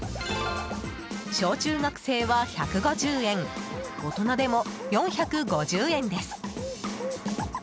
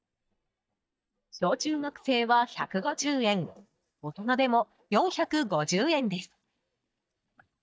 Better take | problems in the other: first | noise reduction (neural mask model DeepFilterNet 3)

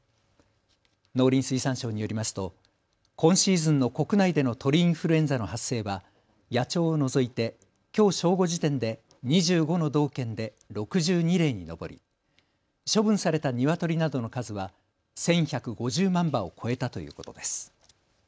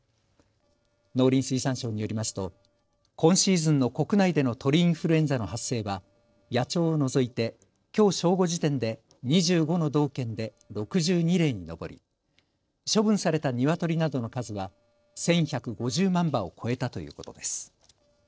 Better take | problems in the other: first | noise reduction (neural separator model SepFormer DNS4)

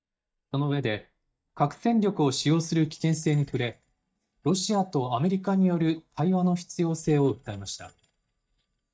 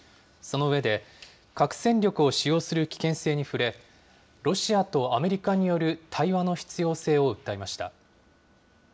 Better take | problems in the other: second | noise reduction (neural mask model DeepFilterNet 3)

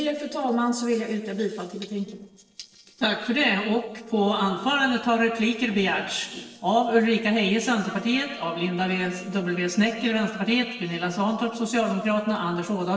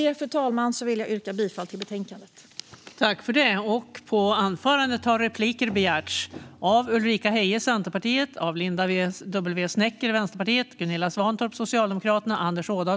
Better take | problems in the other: second | noise reduction (neural separator model SepFormer DNS4)

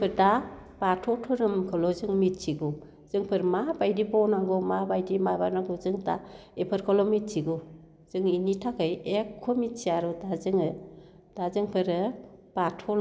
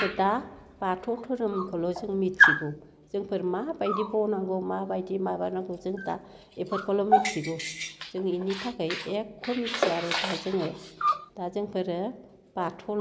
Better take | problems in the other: first | background sound (Dog); 1 dB below the speech

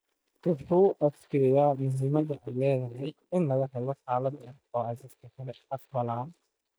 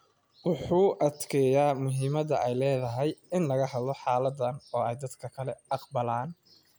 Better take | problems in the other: second | noise reduction (neural mask model DeepFilterNet 3)

